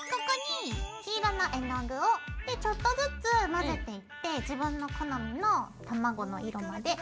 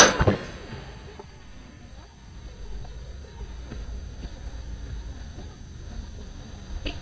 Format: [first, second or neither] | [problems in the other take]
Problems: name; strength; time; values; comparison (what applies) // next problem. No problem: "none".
first | noise reduction (neural mask model DeepFilterNet 3)